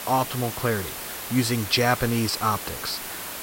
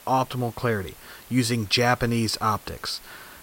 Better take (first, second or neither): second